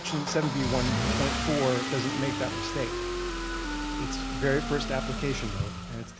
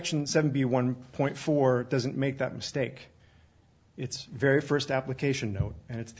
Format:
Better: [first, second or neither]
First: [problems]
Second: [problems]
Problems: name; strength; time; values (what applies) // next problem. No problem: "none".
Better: second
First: background sound (Wind instrument, woodwind instrument + Engine starting / Car); as loud as the speech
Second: none